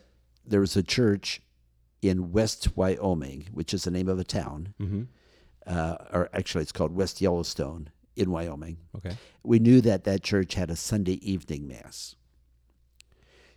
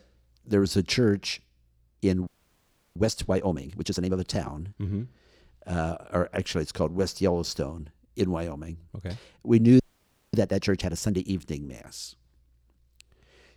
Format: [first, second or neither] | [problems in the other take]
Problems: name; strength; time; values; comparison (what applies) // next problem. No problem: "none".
first | audio freezing; at 2.5 s for 0.5 s and at 10 s for 0.5 s